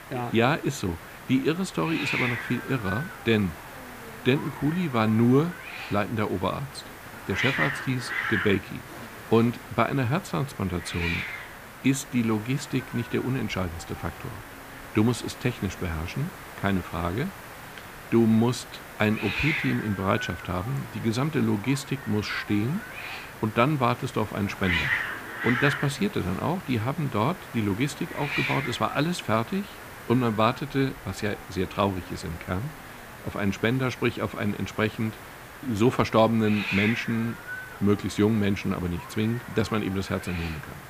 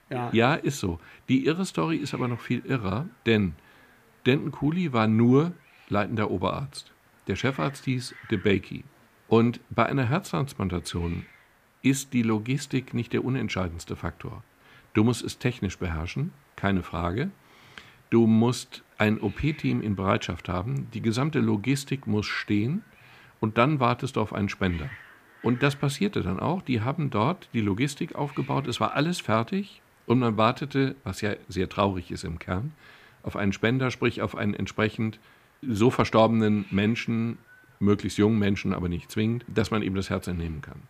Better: second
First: hiss; loud; throughout; 8 dB below the speech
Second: hiss; faint; throughout; 25 dB below the speech

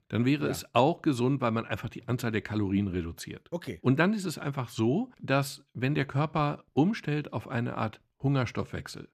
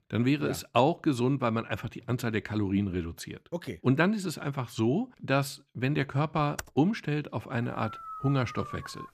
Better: first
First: none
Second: keyboard typing; very faint; at 6.5 s; peak 10 dB below the speech // dog barking; faint; from 7.5 s on; peak 10 dB below the speech

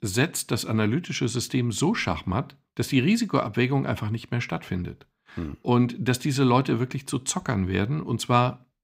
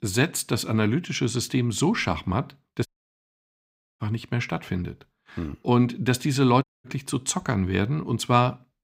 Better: first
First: none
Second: audio cutting out; at 3 s for 1 s and at 6.5 s

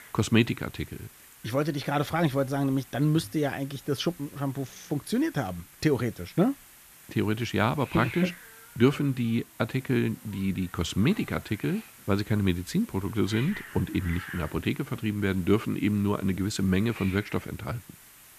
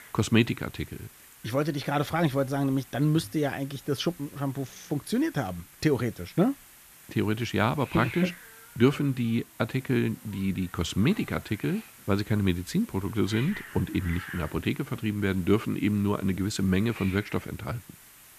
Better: neither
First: hiss; noticeable; throughout; 20 dB below the speech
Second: hiss; noticeable; throughout; 20 dB below the speech

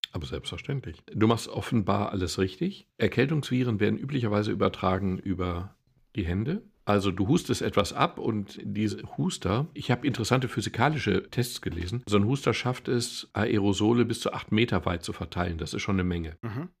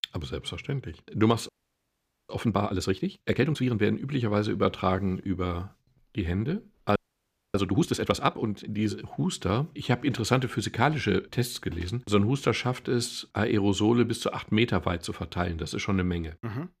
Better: first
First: none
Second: audio freezing; at 1.5 s for 1 s and at 7 s for 0.5 s

